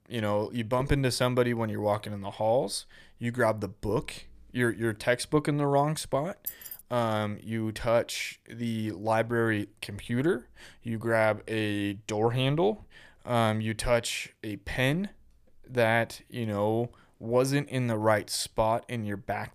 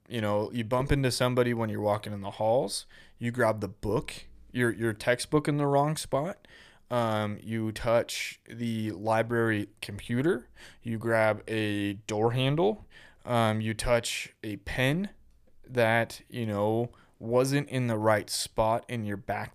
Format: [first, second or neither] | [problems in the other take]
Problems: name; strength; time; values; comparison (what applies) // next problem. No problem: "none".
second | jangling keys; noticeable; at 6.5 s; peak 9 dB below the speech